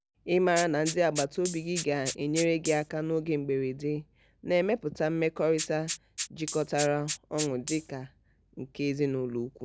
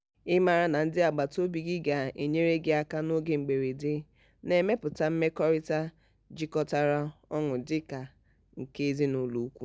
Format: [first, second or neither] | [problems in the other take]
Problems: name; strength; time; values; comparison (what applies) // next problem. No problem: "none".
second | background sound (Rattle (instrument)); 10 dB below the speech